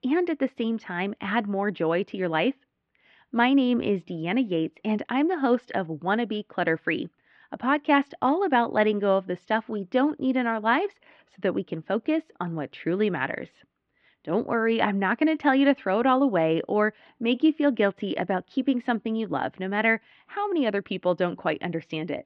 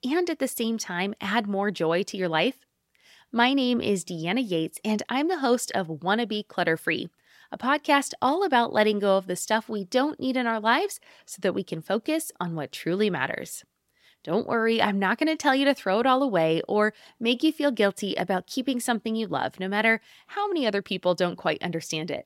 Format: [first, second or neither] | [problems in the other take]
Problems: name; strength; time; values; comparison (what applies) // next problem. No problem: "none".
second | muffled; very; fading above 3 kHz